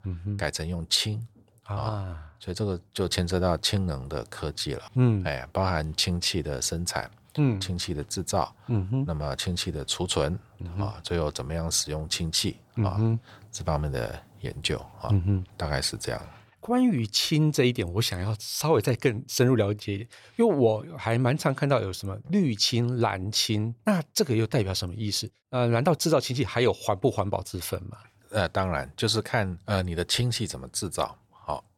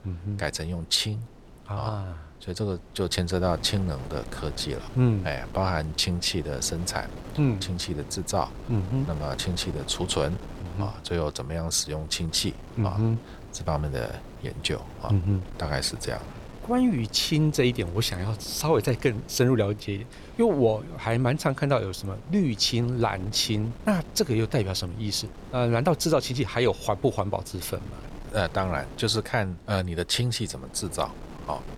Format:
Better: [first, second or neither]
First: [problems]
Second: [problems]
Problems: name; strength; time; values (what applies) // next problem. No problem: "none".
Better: first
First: none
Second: wind noise on the microphone; occasional gusts; 20 dB below the speech